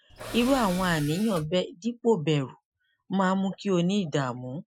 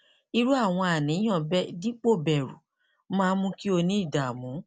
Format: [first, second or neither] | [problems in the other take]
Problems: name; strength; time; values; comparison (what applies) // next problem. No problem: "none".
second | noise reduction (classical method Wiener filter)